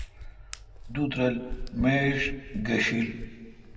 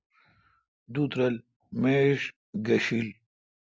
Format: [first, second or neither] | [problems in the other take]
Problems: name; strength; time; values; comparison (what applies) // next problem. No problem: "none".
second | background sound (Hands); 10 dB below the speech // room echo; dies away in 1.5 s